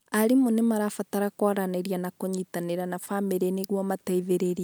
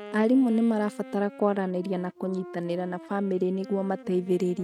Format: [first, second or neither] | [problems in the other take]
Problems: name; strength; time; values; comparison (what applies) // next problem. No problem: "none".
first | noise reduction (neural mask model RNNoise)